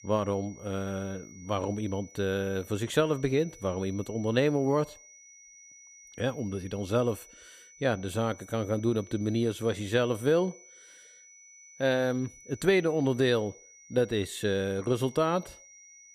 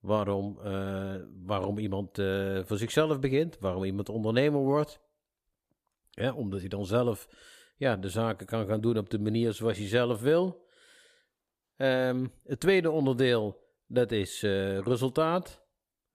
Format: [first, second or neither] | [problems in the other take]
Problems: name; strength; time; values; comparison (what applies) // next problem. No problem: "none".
second | high-pitched whine; faint; throughout; 6 kHz, 20 dB below the speech